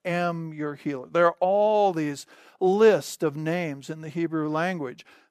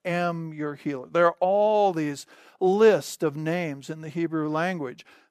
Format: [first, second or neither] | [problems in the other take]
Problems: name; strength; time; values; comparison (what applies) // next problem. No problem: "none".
neither | none